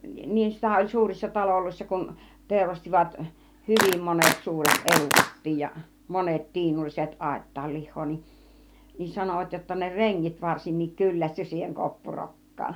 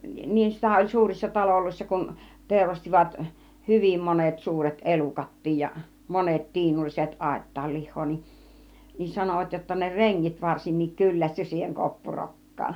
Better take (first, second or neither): second